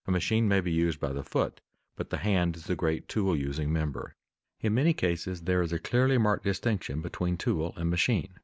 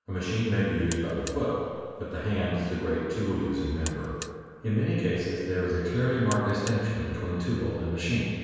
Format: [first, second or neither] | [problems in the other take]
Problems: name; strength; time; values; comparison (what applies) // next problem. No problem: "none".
first | background sound (Alarm); 19 dB below the speech // room echo; dies away in 1.9 s